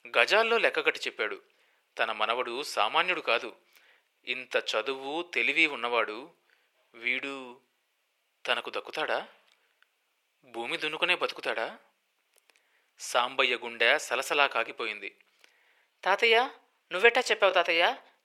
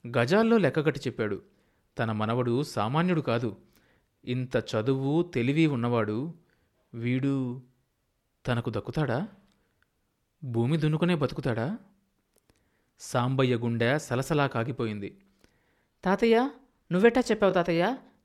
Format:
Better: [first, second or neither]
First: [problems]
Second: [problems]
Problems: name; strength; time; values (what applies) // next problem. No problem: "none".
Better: second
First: thin; very; fading below 550 Hz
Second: none